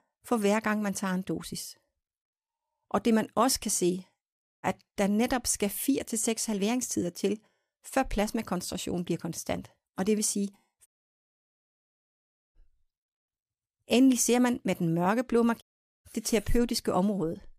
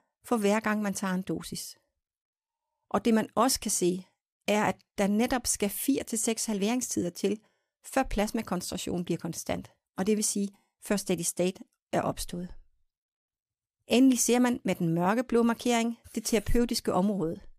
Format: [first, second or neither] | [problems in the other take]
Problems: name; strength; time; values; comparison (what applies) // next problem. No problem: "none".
second | audio cutting out; at 4.5 s, at 11 s for 1.5 s and at 16 s